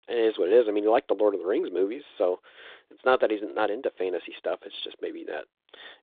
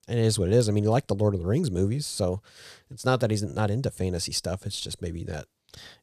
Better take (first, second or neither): second